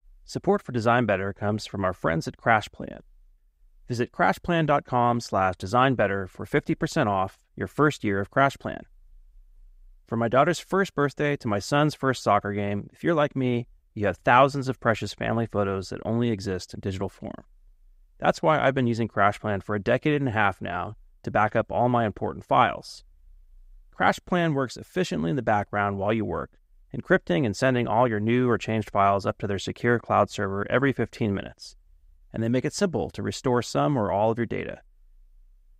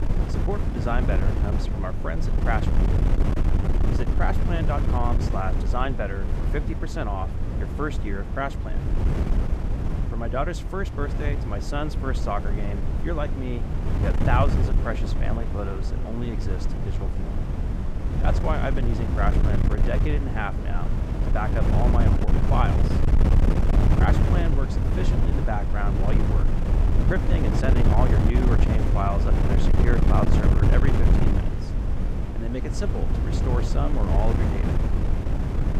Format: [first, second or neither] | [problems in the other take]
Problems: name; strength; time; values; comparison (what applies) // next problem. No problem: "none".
first | wind noise on the microphone; heavy; 3 dB below the speech